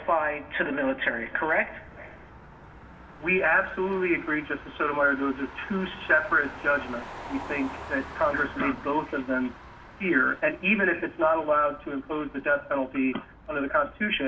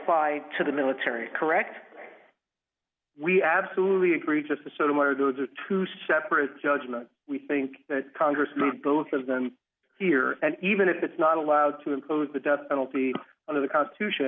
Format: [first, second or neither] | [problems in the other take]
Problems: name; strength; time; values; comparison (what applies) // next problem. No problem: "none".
second | background sound (Motor vehicle (road)); 17 dB below the speech // room echo; dies away in 0.2 s